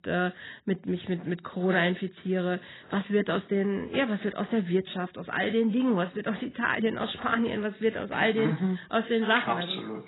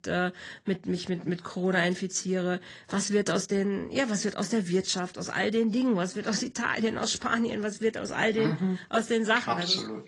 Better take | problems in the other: second | garbled, watery; badly; nothing above 4 kHz; slightly in the second

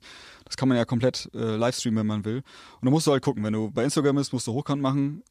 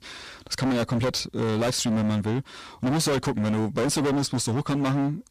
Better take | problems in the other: first | distortion; heavy; 28% of the sound clipped

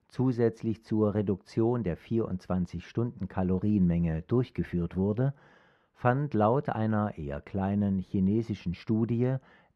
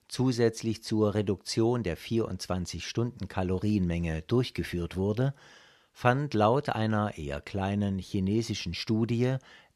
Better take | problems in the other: second | muffled; very; fading above 2.5 kHz

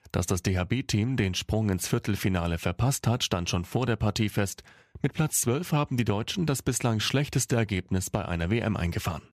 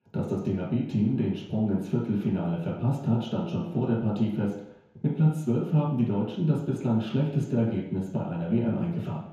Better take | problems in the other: first | room echo; noticeable; dies away in 3 s // off-mic speech; far

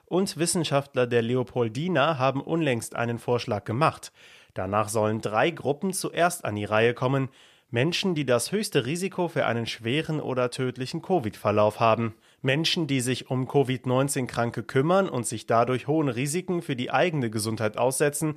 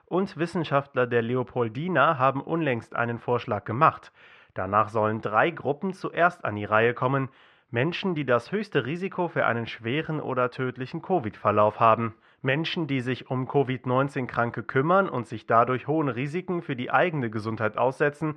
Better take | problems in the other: first | muffled; very; fading above 2 kHz

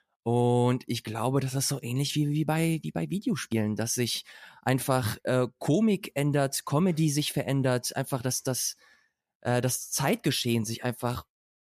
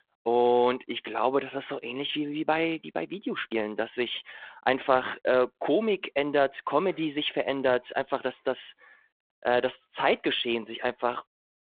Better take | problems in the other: first | phone-call audio

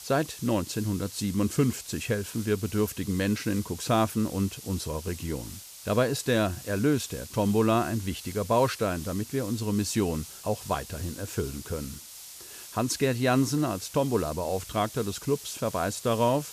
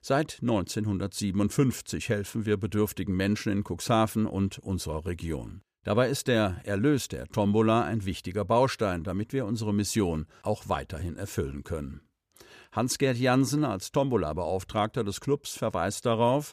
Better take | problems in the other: second | hiss; noticeable; throughout; 15 dB below the speech

